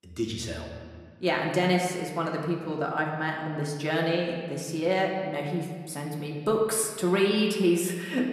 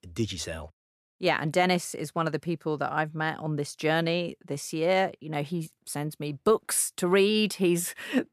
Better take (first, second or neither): second